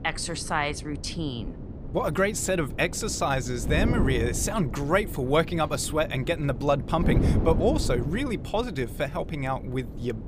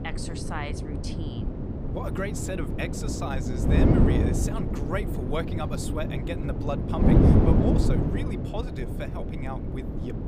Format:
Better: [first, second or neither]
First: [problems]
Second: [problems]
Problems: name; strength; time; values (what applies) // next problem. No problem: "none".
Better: first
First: wind noise on the microphone; occasional gusts; 10 dB below the speech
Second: wind noise on the microphone; heavy; 2 dB above the speech